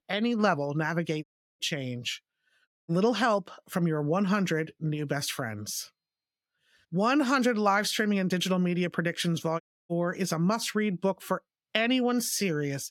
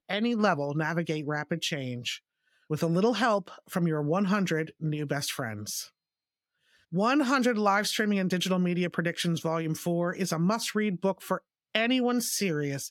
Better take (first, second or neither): second